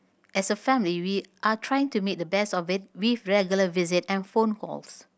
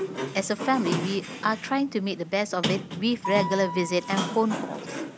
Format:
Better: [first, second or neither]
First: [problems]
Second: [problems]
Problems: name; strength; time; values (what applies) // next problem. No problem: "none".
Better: first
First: none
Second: background sound (Sliding door); 5 dB below the speech